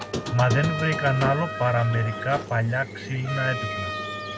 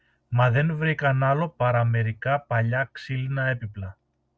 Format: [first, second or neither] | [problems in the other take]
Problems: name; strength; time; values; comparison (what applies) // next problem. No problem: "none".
second | background sound (Squeak + Trumpet); 6 dB below the speech